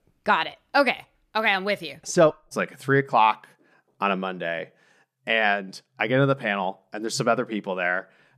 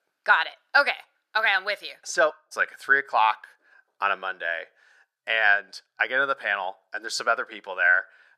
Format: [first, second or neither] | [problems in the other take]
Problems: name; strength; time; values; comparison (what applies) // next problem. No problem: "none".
first | thin; very; fading below 700 Hz